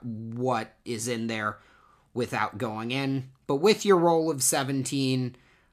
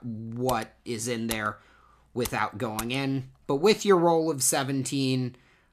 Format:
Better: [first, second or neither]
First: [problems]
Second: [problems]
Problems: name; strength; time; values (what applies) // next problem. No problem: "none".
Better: first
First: none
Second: keyboard typing; faint; until 3 s; peak 10 dB below the speech